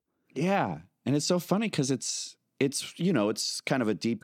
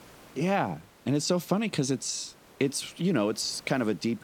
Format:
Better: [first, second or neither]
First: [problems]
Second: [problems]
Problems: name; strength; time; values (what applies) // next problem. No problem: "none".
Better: first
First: none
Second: hiss; faint; throughout; 25 dB below the speech